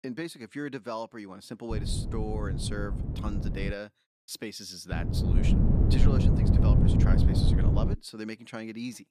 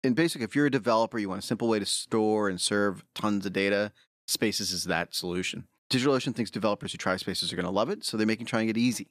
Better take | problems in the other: second | wind noise on the microphone; heavy; from 1.5 to 3.5 s and from 5 to 8 s; 1 dB above the speech

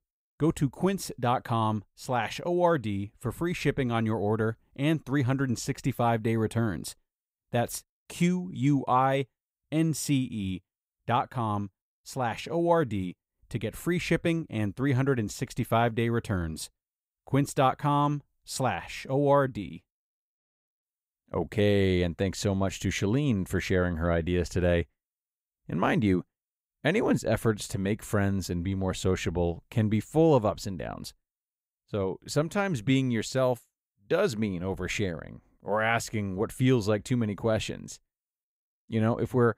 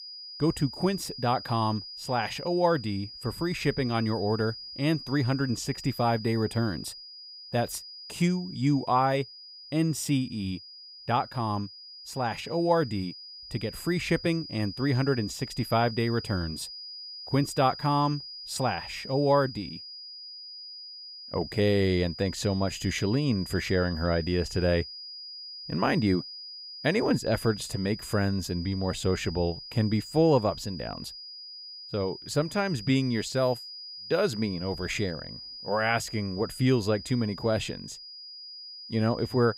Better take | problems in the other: first | high-pitched whine; noticeable; throughout; 5 kHz, 10 dB below the speech

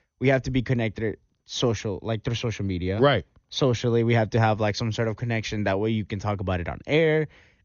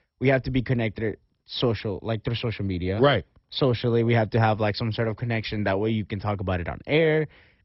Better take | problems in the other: first | garbled, watery; badly; nothing above 5.5 kHz; slightly in the first

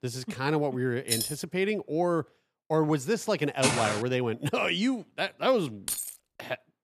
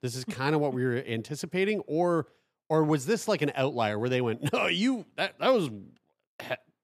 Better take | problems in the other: second | jangling keys; noticeable; at 1 s and at 6 s; peak level with the speech // footsteps; loud; at 3.5 s; peak 2 dB above the speech

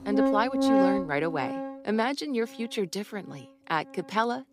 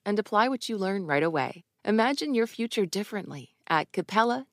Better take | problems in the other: second | background music; very loud; throughout; 3 dB above the speech

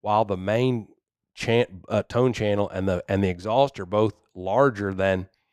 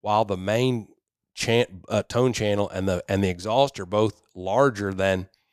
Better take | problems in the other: second | muffled; slightly; fading above 3.5 kHz

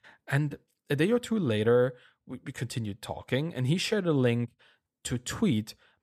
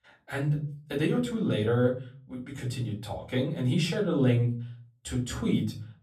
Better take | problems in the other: first | room echo; slight; dies away in 0.4 s // off-mic speech; far

